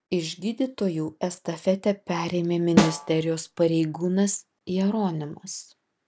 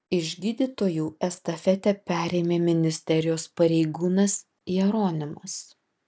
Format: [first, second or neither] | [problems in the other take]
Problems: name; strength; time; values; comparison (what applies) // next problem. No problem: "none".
second | background sound (Snare drum); as loud as the speech